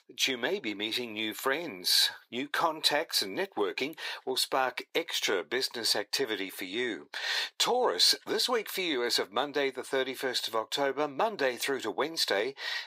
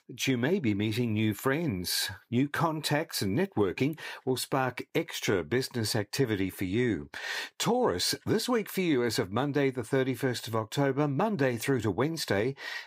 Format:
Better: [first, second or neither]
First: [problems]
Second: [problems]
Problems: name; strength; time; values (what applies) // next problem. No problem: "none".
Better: second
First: thin; somewhat; fading below 550 Hz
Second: none